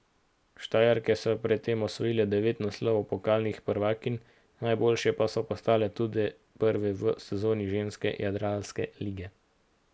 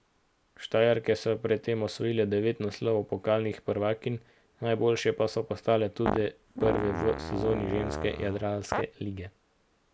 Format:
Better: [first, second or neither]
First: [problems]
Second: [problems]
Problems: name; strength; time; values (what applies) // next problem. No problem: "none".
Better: first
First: none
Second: background sound (Fart); 5 dB below the speech